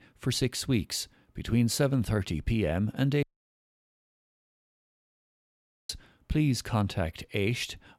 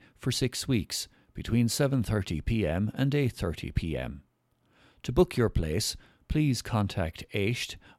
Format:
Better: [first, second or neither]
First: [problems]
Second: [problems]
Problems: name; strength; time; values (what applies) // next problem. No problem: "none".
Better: second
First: audio cutting out; at 3 s for 2.5 s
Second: none